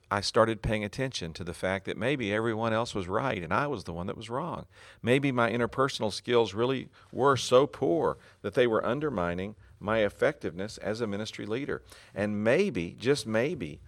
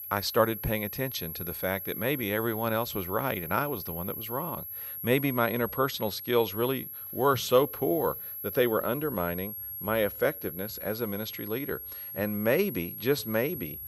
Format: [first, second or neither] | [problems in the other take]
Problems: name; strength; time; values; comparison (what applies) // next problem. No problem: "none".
first | high-pitched whine; loud; throughout; 11.5 kHz, 7 dB below the speech